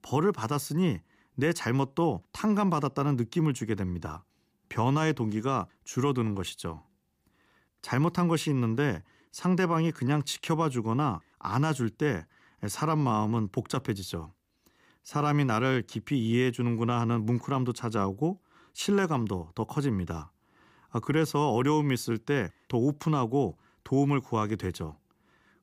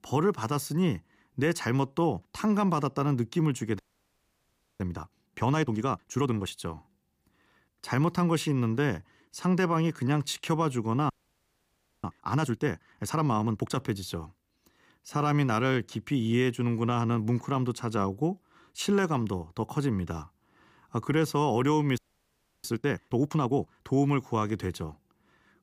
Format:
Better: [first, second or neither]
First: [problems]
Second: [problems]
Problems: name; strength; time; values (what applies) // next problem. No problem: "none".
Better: first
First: none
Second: audio freezing; at 4 s for 1 s, at 11 s for 1 s and at 22 s for 0.5 s